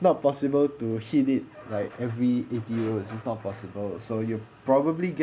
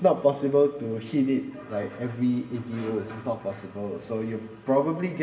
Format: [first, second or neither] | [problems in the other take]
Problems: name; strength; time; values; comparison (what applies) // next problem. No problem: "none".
first | room echo; dies away in 2.2 s